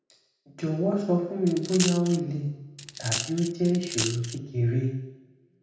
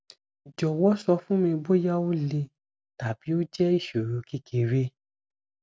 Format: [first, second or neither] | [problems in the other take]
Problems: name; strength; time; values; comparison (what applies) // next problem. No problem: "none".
second | background sound (Coin (dropping)); 6 dB below the speech // room echo; dies away in 0.8 s